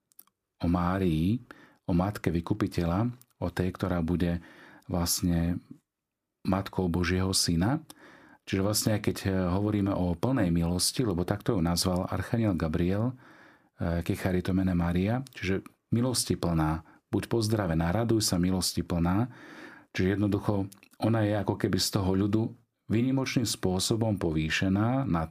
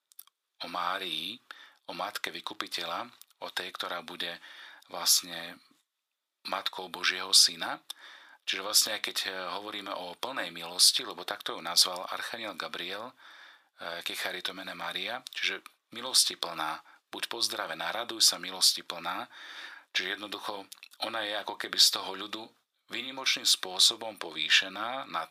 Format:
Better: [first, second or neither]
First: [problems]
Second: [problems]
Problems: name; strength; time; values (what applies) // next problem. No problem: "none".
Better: first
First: none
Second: thin; very; fading below 950 Hz